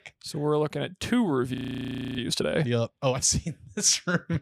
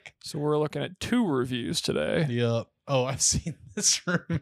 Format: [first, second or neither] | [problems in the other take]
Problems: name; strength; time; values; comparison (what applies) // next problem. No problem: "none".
second | audio freezing; at 1.5 s for 0.5 s